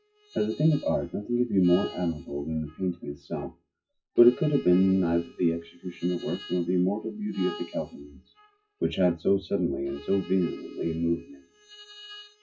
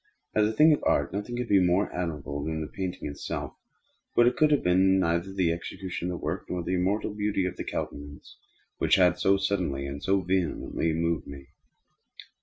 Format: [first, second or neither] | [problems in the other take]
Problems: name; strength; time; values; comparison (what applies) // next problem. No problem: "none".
second | noise reduction (classical method WPE with log-MMSE)